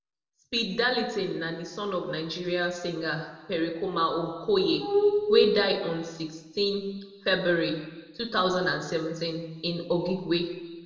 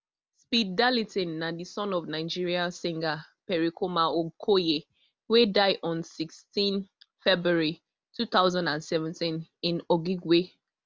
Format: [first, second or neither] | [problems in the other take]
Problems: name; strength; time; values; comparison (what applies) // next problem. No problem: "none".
second | noise reduction (neural separator model SepFormer DNS4)